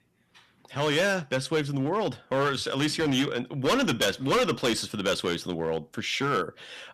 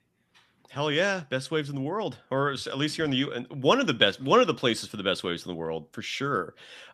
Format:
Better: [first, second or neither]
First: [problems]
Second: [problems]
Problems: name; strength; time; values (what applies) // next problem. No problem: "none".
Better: second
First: distortion; heavy; 9% of the sound clipped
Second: none